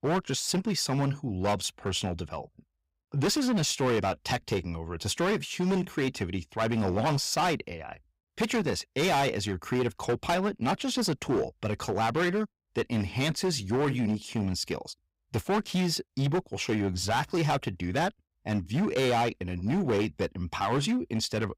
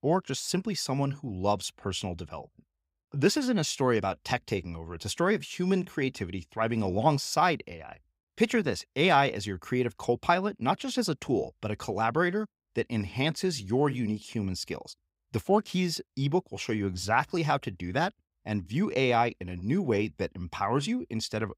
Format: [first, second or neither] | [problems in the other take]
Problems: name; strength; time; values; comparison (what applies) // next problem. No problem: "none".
second | distortion; heavy; 13% of the sound clipped